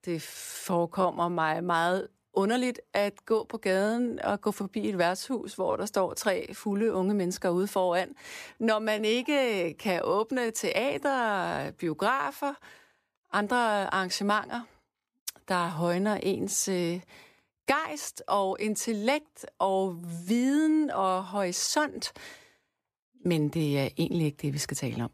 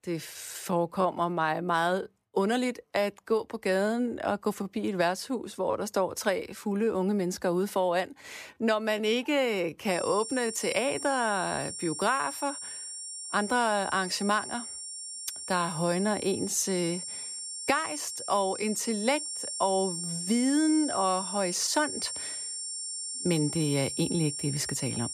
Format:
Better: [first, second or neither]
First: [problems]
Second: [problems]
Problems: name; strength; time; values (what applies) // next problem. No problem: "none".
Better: first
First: none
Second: high-pitched whine; loud; from 10 s on; 9 kHz, 6 dB below the speech